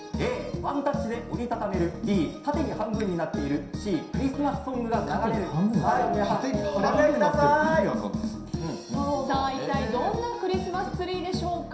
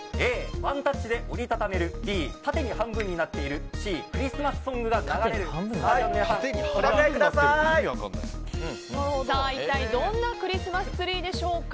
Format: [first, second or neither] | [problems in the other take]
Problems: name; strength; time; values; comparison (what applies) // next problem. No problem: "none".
second | room echo; dies away in 0.7 s